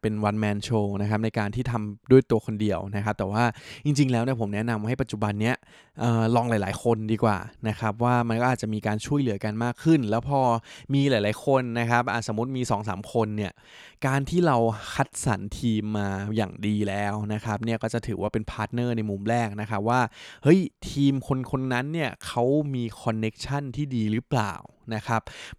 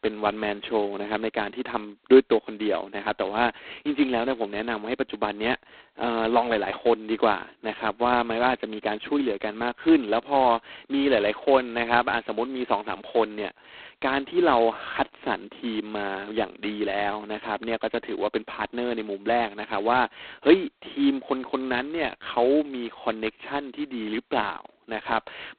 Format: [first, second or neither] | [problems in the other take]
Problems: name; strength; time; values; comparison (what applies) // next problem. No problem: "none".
first | phone-call audio; poor line; nothing above 4 kHz